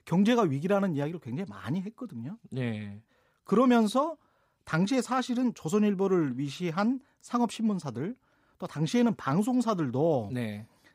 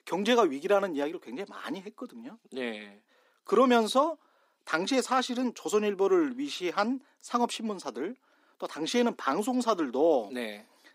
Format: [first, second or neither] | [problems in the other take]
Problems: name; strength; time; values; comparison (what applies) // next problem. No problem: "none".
first | thin; somewhat; fading below 300 Hz